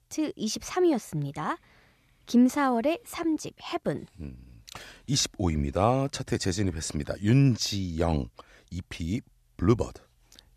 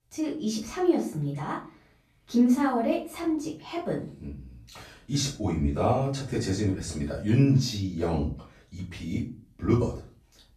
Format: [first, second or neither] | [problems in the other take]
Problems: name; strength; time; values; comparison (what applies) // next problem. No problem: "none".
first | off-mic speech; far // room echo; slight; dies away in 0.3 s